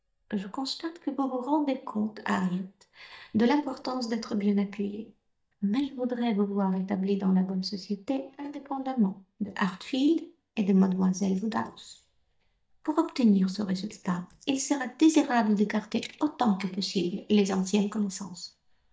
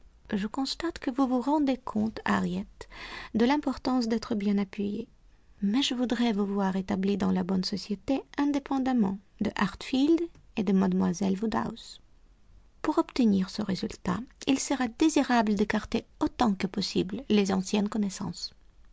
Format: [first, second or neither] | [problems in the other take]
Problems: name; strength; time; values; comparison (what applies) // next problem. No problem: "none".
second | noise reduction (neural mask model DeepFilterNet 3)